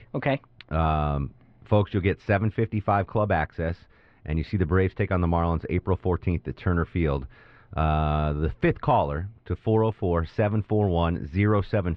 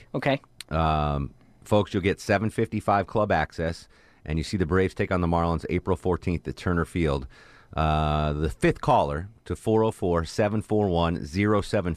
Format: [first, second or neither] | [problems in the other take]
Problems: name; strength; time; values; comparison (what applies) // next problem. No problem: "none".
second | muffled; slightly; fading above 3.5 kHz